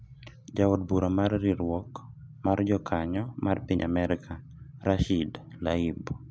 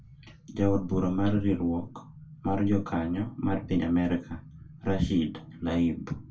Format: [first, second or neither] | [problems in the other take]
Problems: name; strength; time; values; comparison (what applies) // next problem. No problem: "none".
first | room echo; dies away in 0.2 s